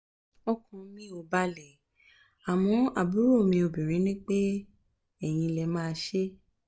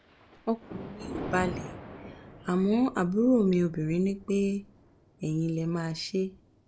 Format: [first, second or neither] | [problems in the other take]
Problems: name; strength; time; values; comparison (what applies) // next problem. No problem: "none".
first | background sound (Thunder); 14 dB below the speech